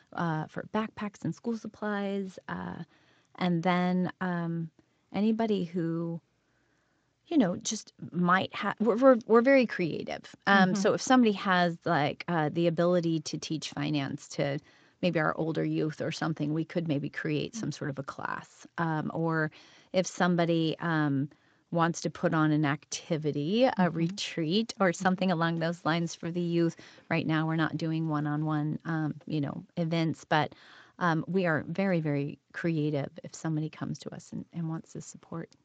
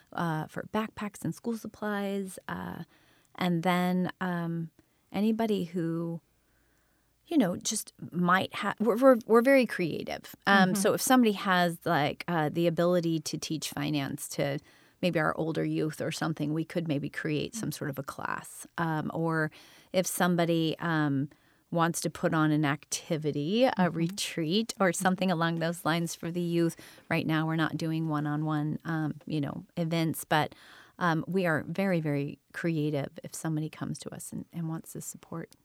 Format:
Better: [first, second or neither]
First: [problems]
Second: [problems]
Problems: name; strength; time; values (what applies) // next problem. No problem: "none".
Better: second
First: garbled, watery; slightly; nothing above 7.5 kHz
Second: none